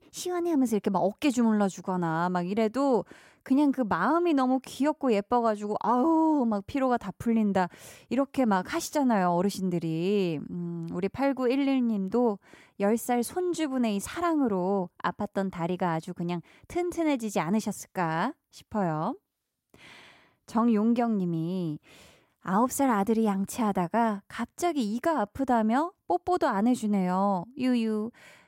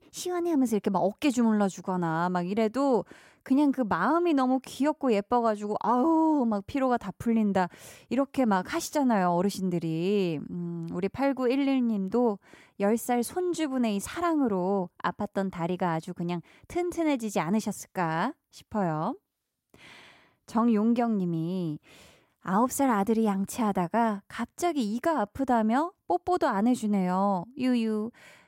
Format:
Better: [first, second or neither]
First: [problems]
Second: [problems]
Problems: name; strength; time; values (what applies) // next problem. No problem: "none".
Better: neither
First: none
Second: none